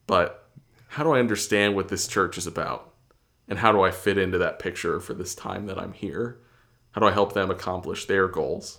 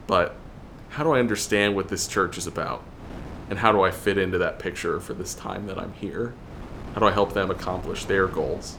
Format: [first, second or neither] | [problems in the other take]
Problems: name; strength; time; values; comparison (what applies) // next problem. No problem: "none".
first | wind noise on the microphone; occasional gusts; 20 dB below the speech